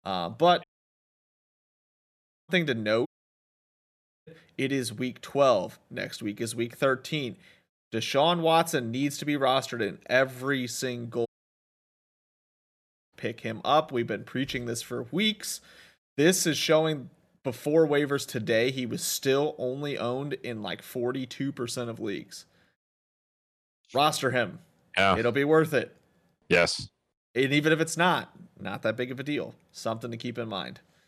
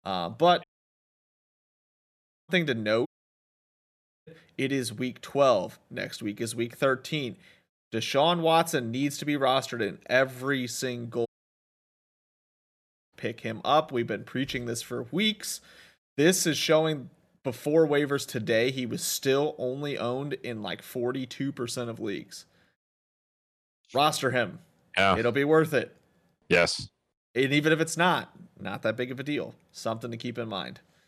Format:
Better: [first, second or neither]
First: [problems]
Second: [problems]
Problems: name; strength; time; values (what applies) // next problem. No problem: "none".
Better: neither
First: audio cutting out; at 0.5 s for 2 s, at 3 s for 1 s and at 11 s for 2 s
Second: audio cutting out; at 0.5 s for 2 s, at 3 s for 1 s and at 11 s for 2 s